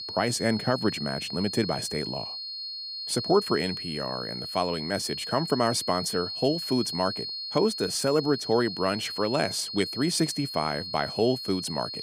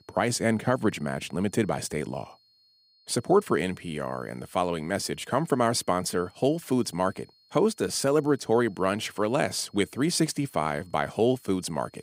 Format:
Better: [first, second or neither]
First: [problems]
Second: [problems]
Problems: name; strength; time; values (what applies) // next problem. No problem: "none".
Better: second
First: high-pitched whine; loud; throughout; 4.5 kHz, 5 dB below the speech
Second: high-pitched whine; faint; throughout; 4.5 kHz, 35 dB below the speech